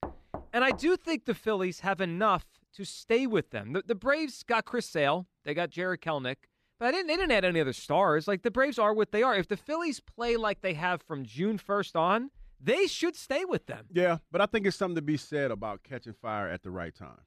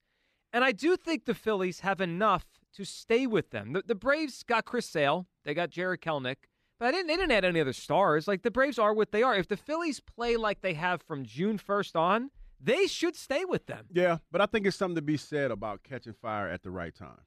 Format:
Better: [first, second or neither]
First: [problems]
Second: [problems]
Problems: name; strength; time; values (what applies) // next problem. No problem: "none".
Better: second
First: door banging; faint; at the start; peak 10 dB below the speech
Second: none